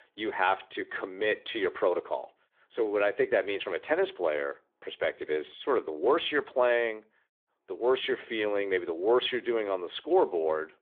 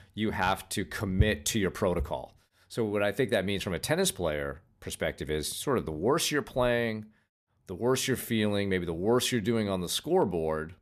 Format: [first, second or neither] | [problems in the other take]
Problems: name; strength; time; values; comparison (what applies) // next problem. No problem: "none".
second | phone-call audio; nothing above 3.5 kHz